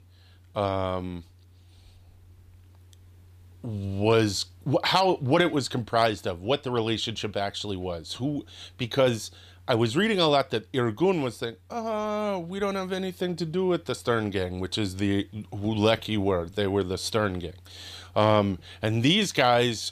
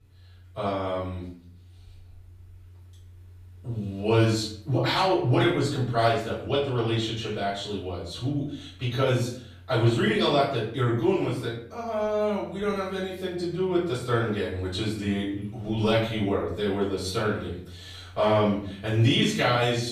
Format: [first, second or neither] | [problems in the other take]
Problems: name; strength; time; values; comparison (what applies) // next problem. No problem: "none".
first | off-mic speech; far // room echo; noticeable; dies away in 0.5 s